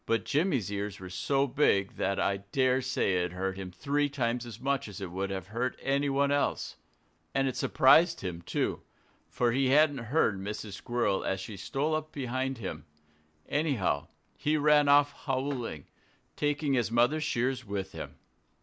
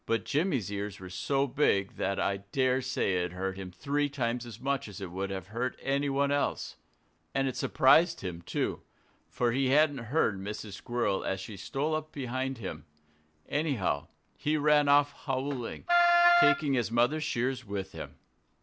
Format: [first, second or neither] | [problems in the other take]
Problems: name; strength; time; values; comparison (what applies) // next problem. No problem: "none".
first | background sound (Wind instrument, woodwind instrument); 4 dB above the speech